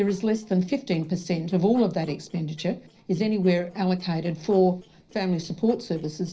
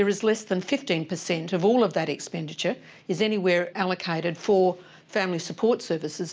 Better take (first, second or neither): second